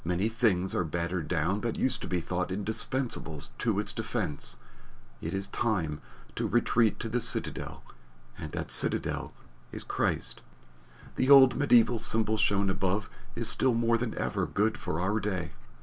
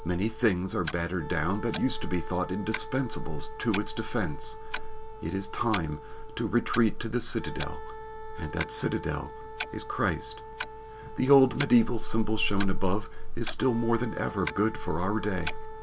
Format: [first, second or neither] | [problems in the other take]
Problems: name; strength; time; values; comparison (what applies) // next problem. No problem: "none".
first | background sound (Wind instrument, woodwind instrument + Clock); 13 dB below the speech